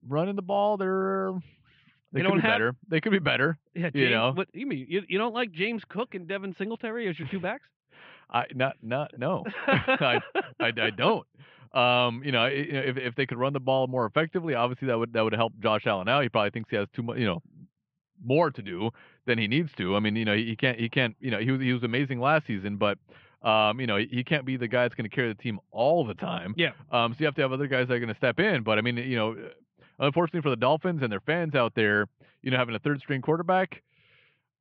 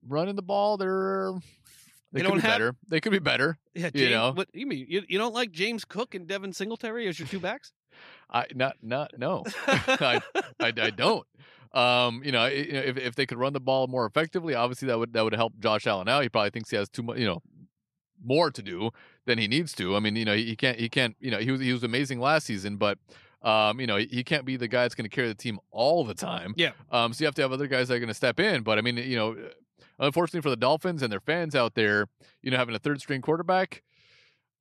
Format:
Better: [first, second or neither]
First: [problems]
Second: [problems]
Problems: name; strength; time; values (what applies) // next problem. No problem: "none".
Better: second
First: muffled; very; fading above 3 kHz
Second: none